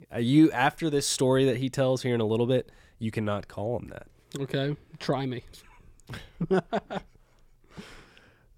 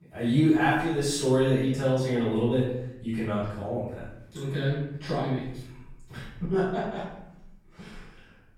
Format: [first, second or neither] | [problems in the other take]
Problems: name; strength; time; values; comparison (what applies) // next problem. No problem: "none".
first | off-mic speech; far // room echo; strong; dies away in 0.7 s